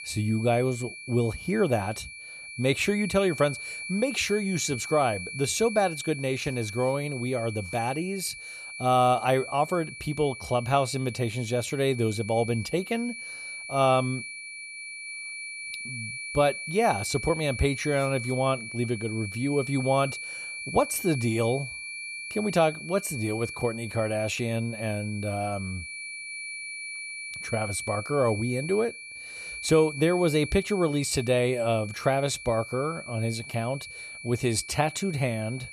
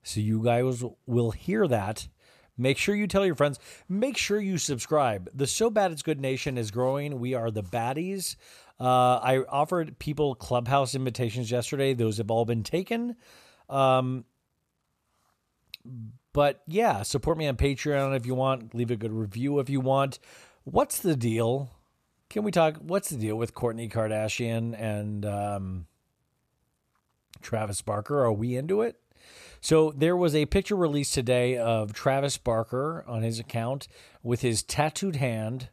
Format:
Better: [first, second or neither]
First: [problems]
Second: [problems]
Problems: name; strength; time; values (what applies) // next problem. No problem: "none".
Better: second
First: high-pitched whine; loud; throughout; 2.5 kHz, 9 dB below the speech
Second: none